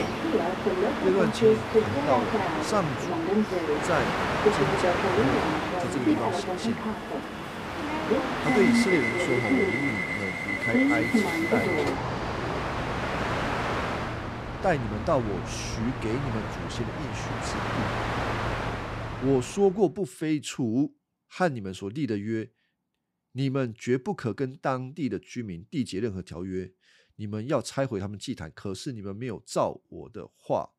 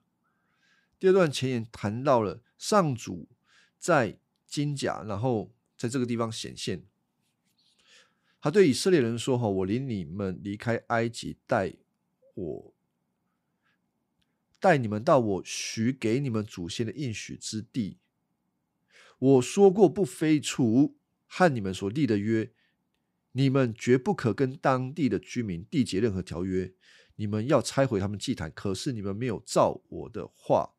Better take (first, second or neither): second